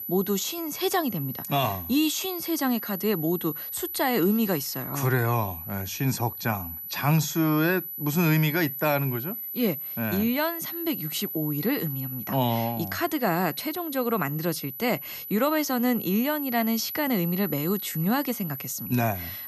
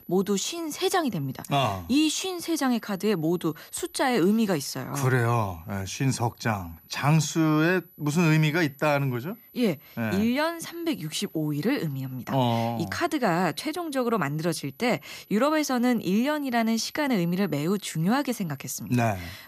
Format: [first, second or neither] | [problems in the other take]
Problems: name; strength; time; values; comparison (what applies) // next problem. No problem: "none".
second | high-pitched whine; loud; throughout; 12 kHz, 6 dB below the speech; faint in the second